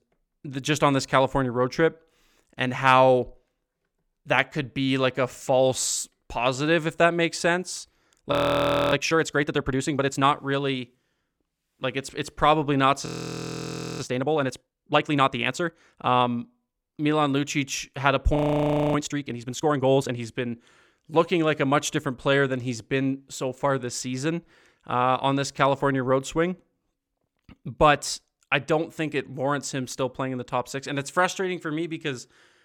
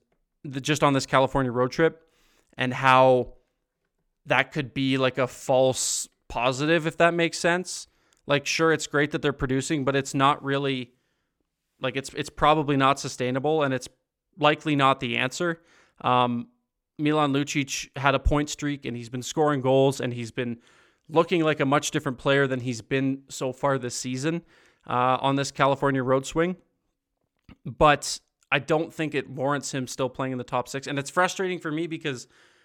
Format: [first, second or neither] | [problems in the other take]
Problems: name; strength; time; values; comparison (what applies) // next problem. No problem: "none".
second | audio freezing; at 8.5 s for 0.5 s, at 13 s for 1 s and at 18 s for 0.5 s